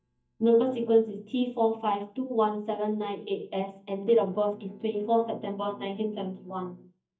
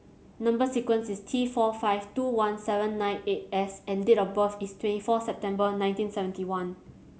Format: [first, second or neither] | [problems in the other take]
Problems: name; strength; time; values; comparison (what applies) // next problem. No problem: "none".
second | noise reduction (neural mask model DeepFilterNet 3)